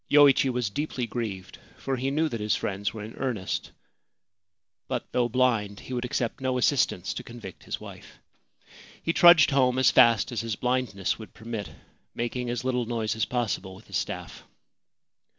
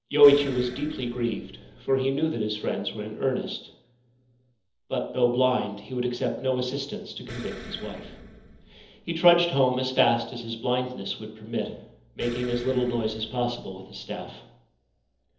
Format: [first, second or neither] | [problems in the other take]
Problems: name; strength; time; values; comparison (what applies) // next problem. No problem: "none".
first | background sound (Explosion); 17 dB below the speech // room echo; dies away in 0.7 s